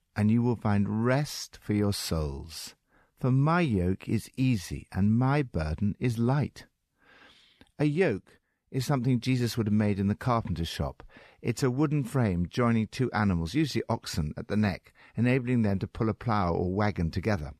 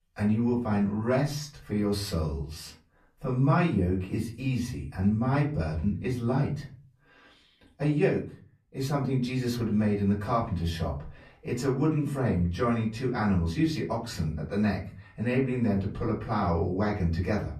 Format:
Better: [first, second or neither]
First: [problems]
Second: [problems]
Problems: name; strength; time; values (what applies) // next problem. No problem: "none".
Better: first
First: none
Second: off-mic speech; far // room echo; slight; dies away in 0.4 s